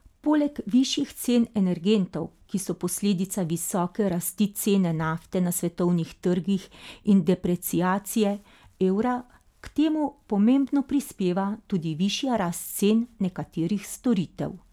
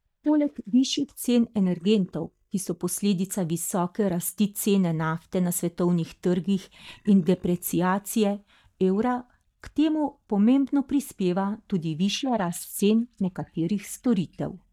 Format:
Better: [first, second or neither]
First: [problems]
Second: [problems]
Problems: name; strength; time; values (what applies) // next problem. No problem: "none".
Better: first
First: none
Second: noise reduction (neural mask model DeepFilterNet 3)